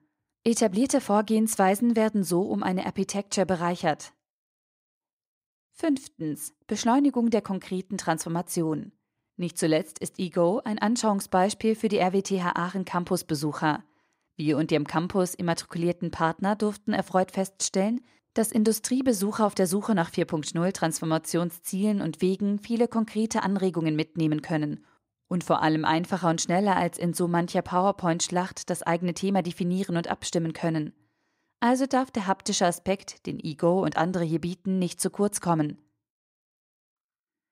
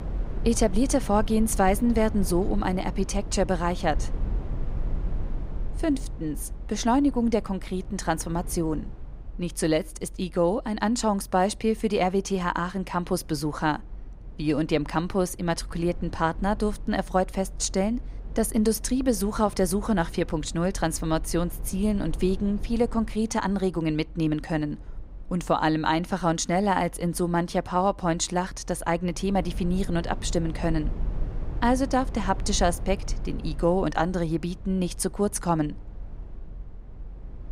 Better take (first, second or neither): first